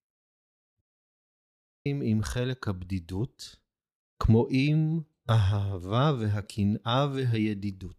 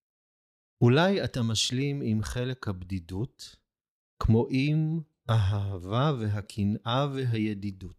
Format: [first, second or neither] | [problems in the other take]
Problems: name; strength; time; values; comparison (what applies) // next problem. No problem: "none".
second | audio cutting out; at 1 s for 1 s